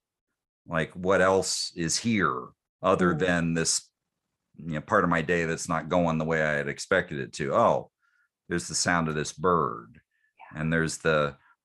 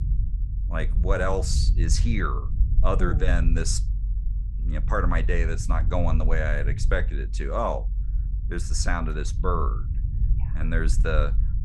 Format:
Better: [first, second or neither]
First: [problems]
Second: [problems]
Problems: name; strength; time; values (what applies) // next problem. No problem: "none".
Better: first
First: none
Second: low rumble; noticeable; throughout; 15 dB below the speech